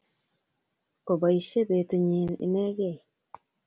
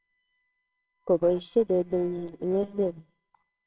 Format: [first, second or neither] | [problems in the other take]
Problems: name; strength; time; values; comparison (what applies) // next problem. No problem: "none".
first | noise reduction (neural separator model SepFormer WHAMR!)